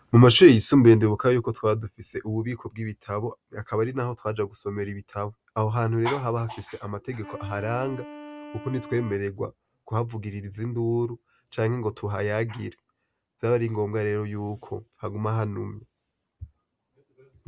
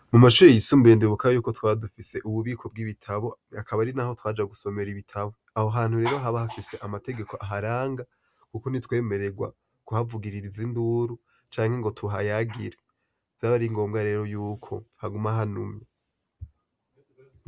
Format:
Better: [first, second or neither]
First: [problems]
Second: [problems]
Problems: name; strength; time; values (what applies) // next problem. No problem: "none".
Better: second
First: background sound (Wind instrument, woodwind instrument); 19 dB below the speech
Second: none